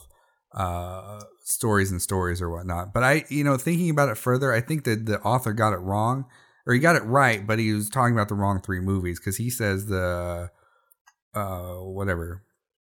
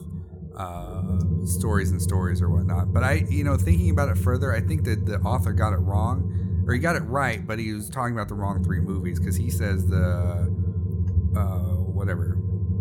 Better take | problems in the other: first | low rumble; loud; throughout; 8 dB below the speech

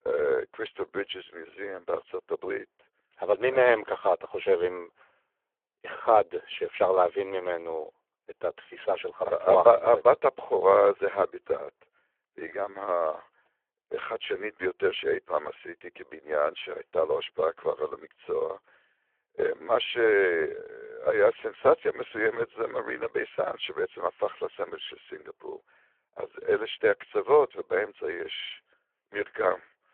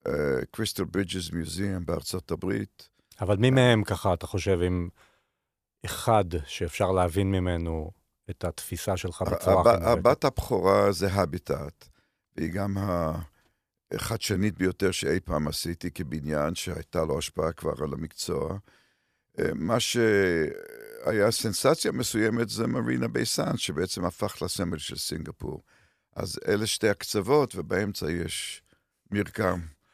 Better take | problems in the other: second | phone-call audio; poor line

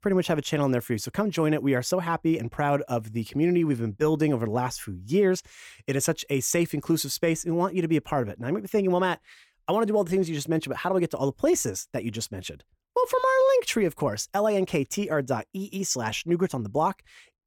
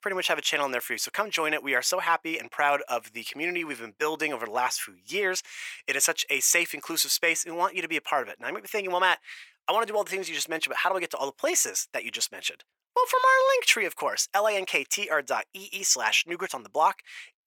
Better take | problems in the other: first | thin; very; fading below 850 Hz

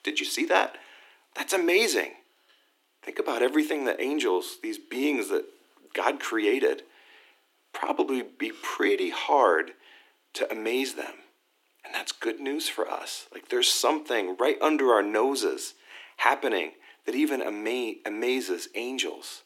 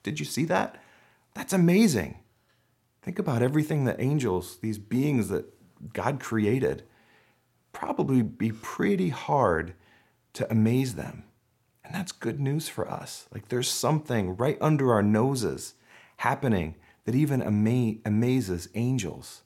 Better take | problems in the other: second | thin; somewhat; fading below 300 Hz

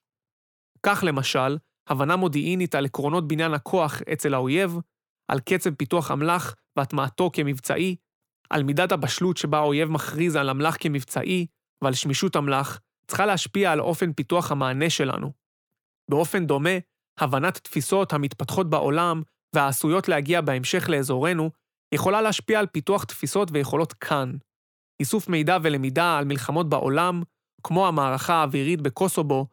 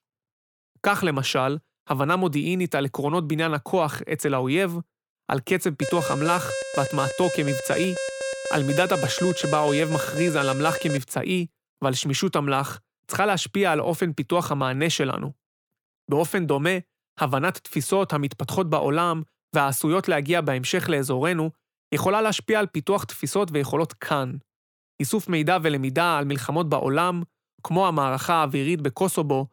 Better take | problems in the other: first | alarm; noticeable; from 6 to 11 s; peak 5 dB below the speech

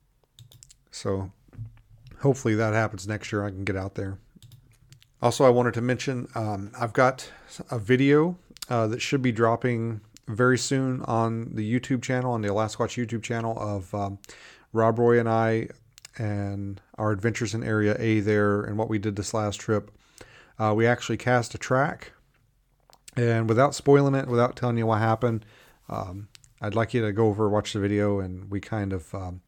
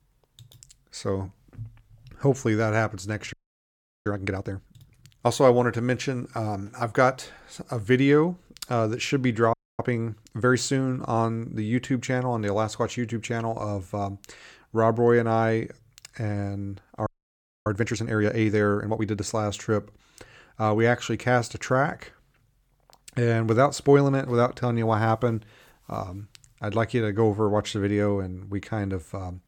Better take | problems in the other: first | audio freezing; at 3.5 s for 0.5 s, at 9.5 s and at 17 s for 0.5 s

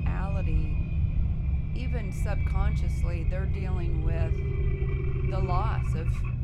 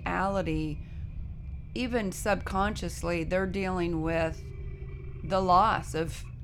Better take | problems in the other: second | low rumble; loud; throughout; 2 dB below the speech; faint in the second

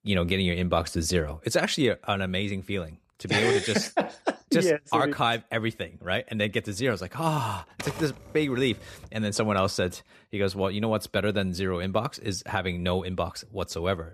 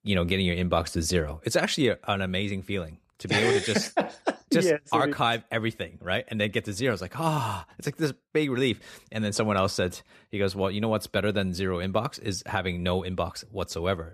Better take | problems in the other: second | keyboard typing; noticeable; from 7.5 to 9 s; peak 10 dB below the speech

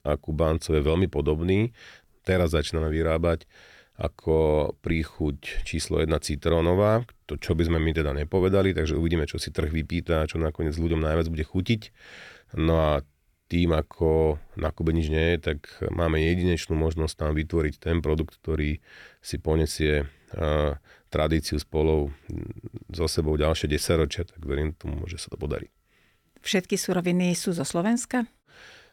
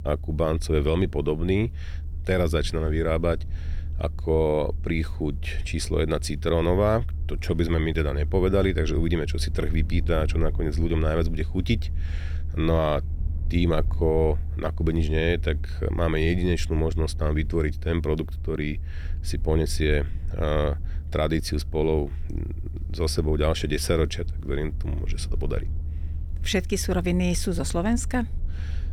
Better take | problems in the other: first | low rumble; faint; throughout; 20 dB below the speech

